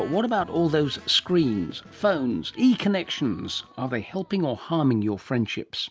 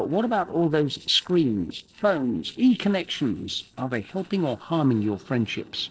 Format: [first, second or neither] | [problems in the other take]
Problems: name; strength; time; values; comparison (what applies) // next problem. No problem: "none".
first | noise reduction (neural separator model SepFormer DNS4)